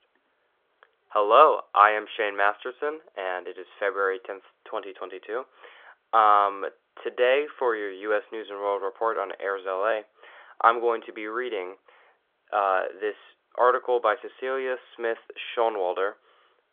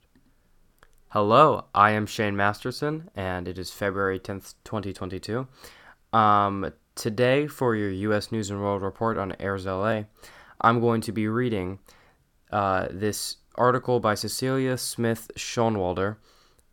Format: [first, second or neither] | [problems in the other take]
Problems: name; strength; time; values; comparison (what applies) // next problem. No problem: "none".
second | phone-call audio; nothing above 3.5 kHz